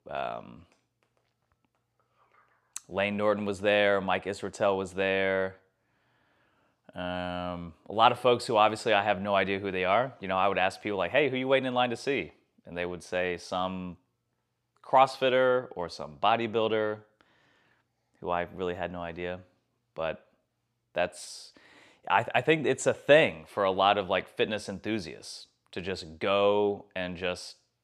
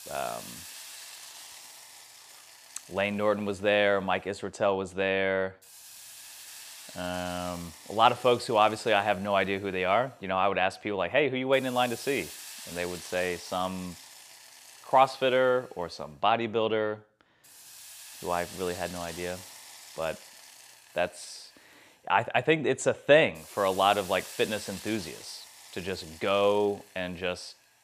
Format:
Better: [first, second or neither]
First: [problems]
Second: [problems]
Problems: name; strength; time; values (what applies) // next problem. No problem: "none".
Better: first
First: none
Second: hiss; noticeable; throughout; 15 dB below the speech